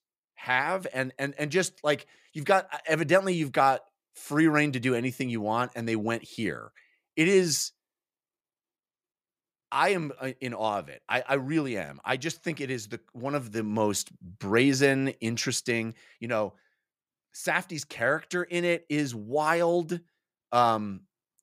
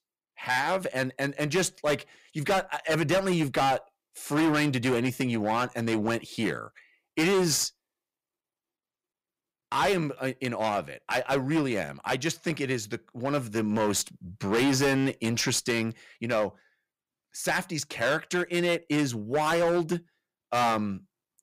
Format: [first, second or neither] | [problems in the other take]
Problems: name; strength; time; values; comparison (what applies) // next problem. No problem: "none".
first | distortion; heavy; 10% of the sound clipped